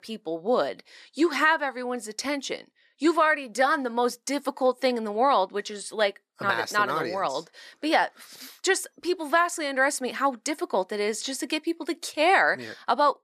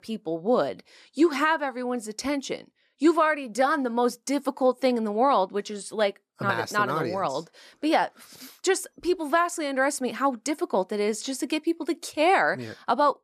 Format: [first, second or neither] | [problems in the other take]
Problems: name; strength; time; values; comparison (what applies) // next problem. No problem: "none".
second | thin; very slightly; fading below 350 Hz